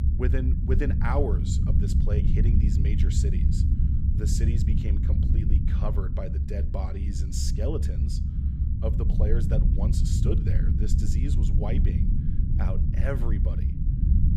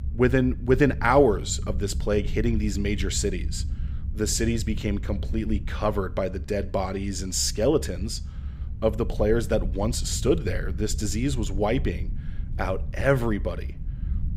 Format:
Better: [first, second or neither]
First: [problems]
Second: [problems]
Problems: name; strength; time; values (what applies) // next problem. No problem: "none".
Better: second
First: low rumble; loud; throughout; 2 dB below the speech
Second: low rumble; faint; throughout; 20 dB below the speech